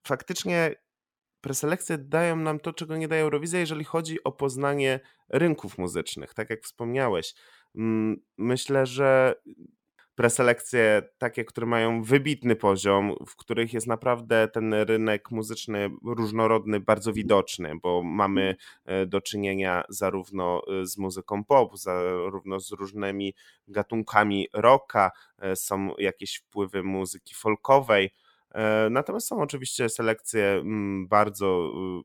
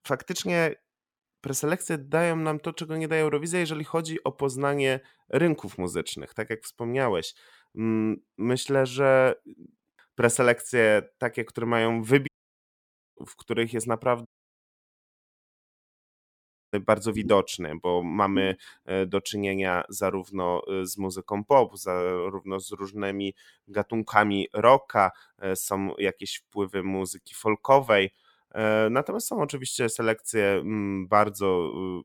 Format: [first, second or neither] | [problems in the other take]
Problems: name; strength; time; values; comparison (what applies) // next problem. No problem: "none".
first | audio cutting out; at 12 s for 1 s and at 14 s for 2.5 s